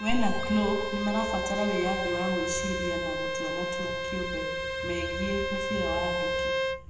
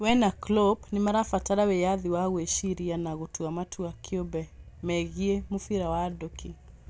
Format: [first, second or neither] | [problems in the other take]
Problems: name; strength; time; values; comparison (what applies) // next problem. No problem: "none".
second | background sound (Bowed string instrument); 1 dB below the speech // room echo; dies away in 1.1 s